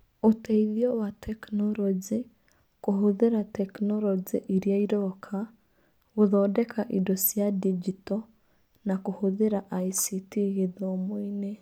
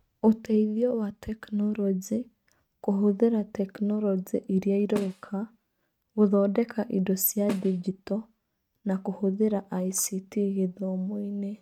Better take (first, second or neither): first